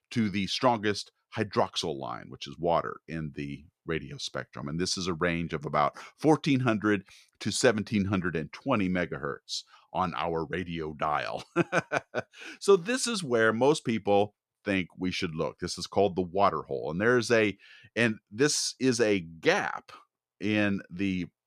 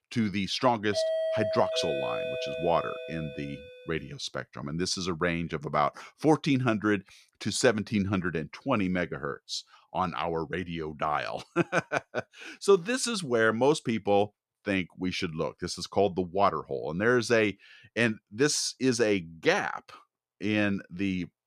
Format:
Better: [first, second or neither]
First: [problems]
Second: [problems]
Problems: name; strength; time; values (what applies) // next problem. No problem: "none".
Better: first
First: none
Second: doorbell; loud; from 1 to 3.5 s; peak level with the speech